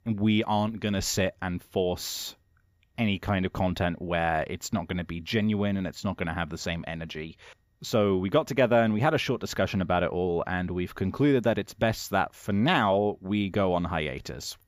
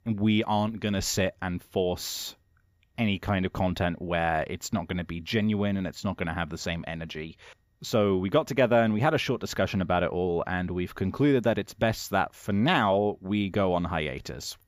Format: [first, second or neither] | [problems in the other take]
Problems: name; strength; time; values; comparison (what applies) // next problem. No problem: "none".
neither | none